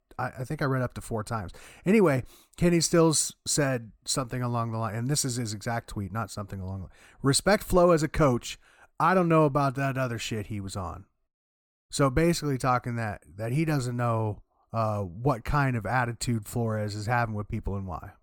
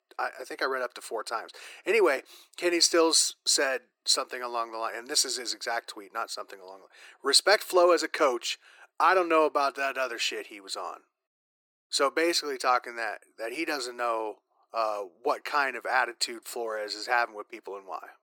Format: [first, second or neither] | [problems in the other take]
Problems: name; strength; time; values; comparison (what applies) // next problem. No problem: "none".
first | thin; very; fading below 350 Hz